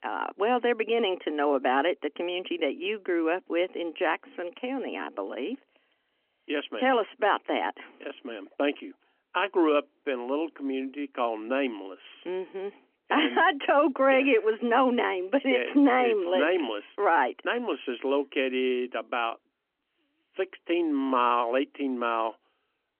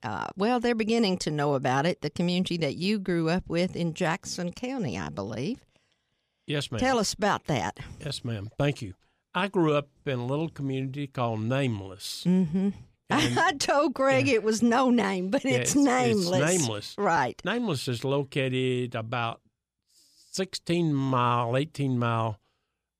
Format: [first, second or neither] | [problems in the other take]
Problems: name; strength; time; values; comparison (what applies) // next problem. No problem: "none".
second | phone-call audio; nothing above 3 kHz